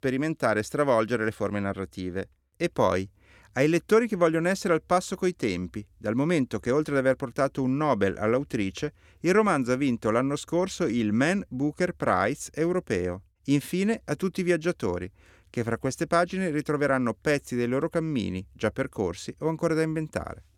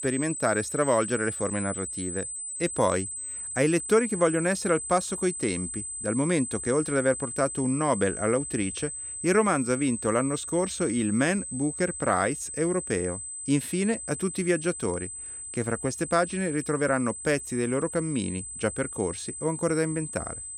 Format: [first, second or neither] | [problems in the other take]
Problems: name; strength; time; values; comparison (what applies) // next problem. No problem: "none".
first | high-pitched whine; loud; throughout; 8 kHz, 6 dB below the speech